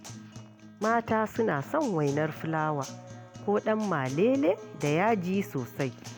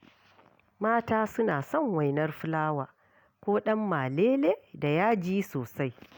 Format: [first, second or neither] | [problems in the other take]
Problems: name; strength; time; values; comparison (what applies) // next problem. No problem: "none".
second | background sound (Acoustic guitar); 16 dB below the speech